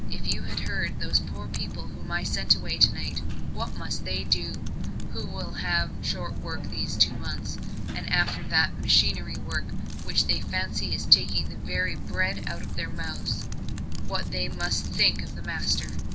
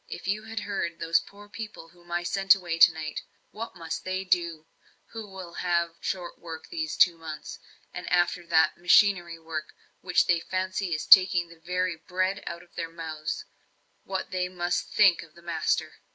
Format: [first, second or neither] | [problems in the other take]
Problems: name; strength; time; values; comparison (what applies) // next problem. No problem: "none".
second | background sound (Typing); 1 dB above the speech